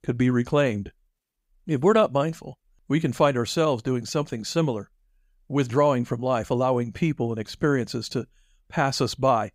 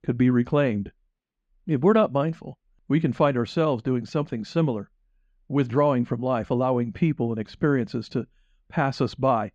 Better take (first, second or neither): first